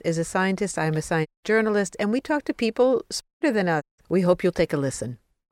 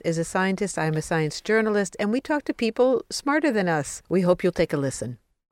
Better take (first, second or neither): second